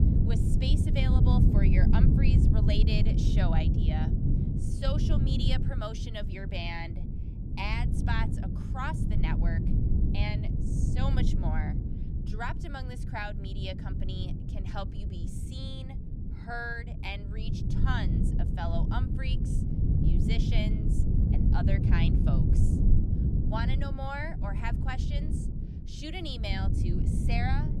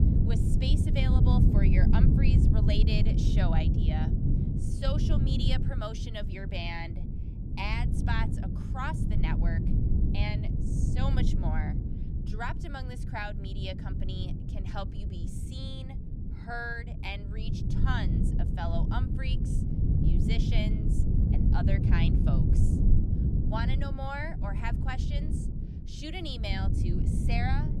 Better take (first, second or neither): neither